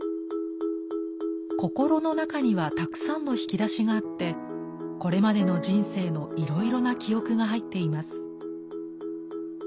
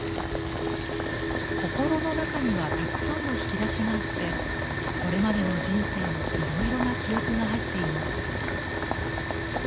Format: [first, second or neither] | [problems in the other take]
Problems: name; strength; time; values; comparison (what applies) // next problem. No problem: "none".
first | background sound (Boiling); as loud as the speech